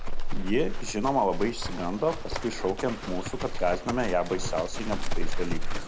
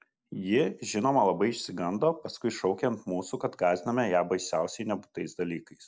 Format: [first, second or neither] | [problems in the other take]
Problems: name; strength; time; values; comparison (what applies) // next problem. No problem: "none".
second | background sound (Livestock, farm animals, working animals); 2 dB above the speech